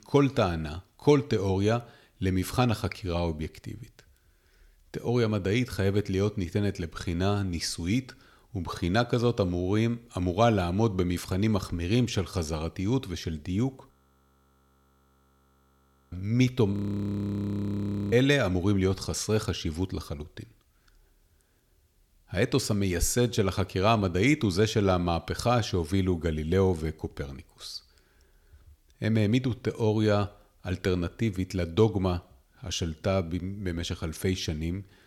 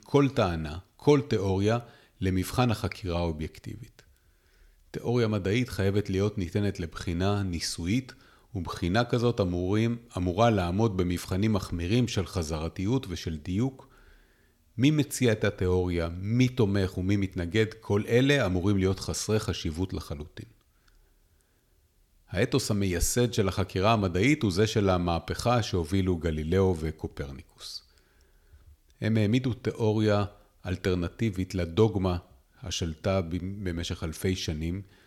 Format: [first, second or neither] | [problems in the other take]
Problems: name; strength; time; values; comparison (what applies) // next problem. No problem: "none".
second | audio freezing; at 14 s for 2 s and at 17 s for 1.5 s